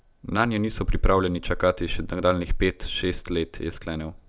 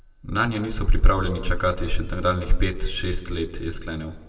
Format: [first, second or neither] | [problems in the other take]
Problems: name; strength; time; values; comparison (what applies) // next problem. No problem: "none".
first | room echo; dies away in 1.1 s